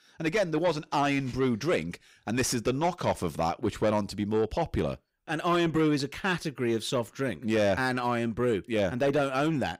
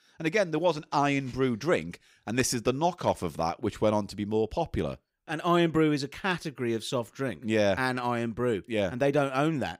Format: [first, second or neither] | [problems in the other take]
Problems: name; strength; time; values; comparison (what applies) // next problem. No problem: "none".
second | distortion; slight; 10 dB below the speech